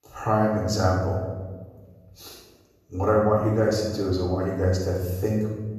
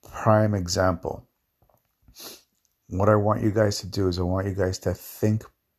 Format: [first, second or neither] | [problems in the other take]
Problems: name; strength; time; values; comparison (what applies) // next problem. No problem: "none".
second | off-mic speech; far // room echo; noticeable; dies away in 1.3 s